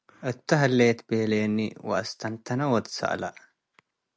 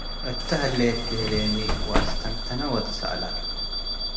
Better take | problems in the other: first | background sound (Bus / Alarm); 2 dB above the speech // room echo; dies away in 0.8 s

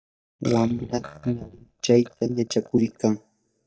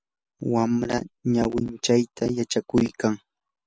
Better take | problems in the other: second | noise reduction (neural mask model DeepFilterNet 3)

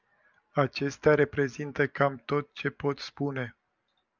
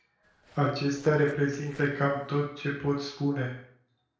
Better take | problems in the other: first | noise reduction (neural separator model SepFormer DNS4)

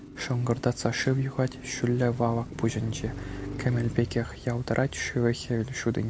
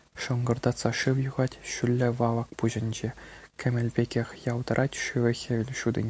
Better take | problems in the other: second | background sound (Car passing by); 12 dB below the speech

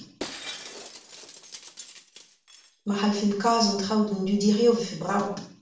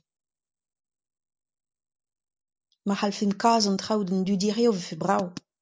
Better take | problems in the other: second | background sound (Shatter); 17 dB below the speech // room echo; dies away in 0.5 s

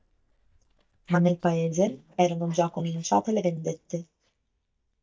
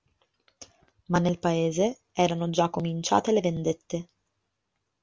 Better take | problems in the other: second | noise reduction (neural mask model DeepFilterNet 3)

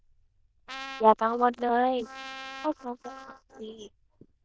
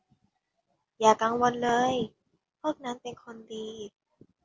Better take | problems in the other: second | noise reduction (neural diffusion model UNIVERSE++)

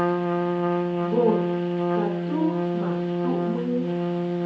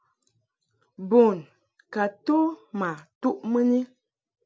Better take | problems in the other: second | background sound (Trumpet); 5 dB above the speech // room echo; dies away in 0.7 s

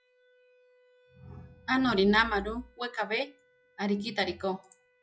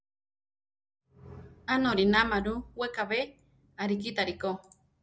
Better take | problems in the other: second | noise reduction (classical method log-MMSE)

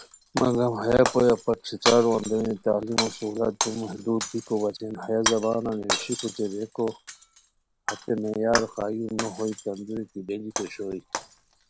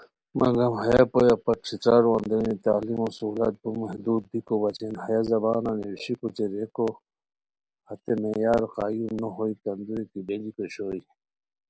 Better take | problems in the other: second | background sound (Shatter); 8 dB below the speech

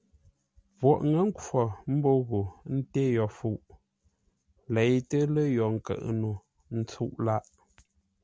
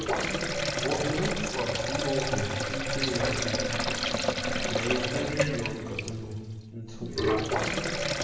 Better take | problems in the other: first | background sound (Sink (filling or washing)); 5 dB above the speech // room echo; dies away in 1.3 s

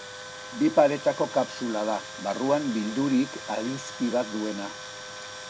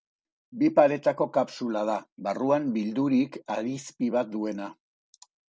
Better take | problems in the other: second | background sound (Tools); 12 dB below the speech

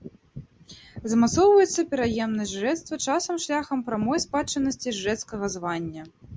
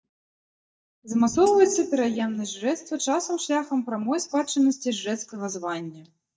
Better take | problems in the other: first | noise reduction (neural mask model DeepFilterNet 3)

